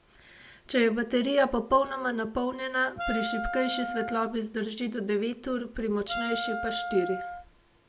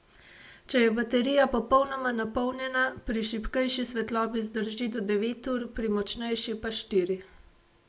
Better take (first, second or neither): second